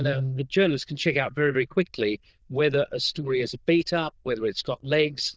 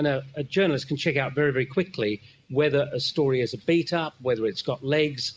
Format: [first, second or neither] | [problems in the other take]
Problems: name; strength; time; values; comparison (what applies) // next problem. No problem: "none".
second | noise reduction (neural diffusion model UNIVERSE++)